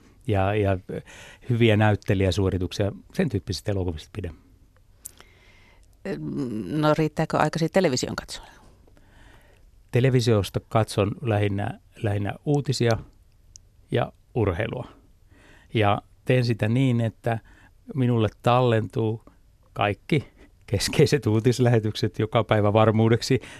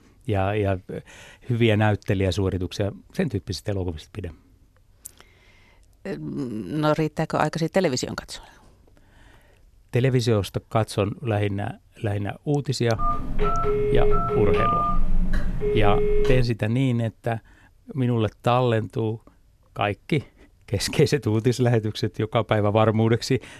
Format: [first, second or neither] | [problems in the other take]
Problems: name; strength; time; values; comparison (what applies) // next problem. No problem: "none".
first | phone ringing; loud; from 13 to 16 s; peak 3 dB above the speech